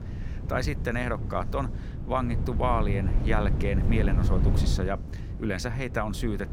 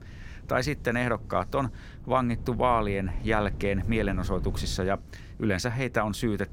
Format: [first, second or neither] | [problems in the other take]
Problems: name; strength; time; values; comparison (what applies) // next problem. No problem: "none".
second | wind noise on the microphone; heavy; 10 dB below the speech; occasional gusts in the second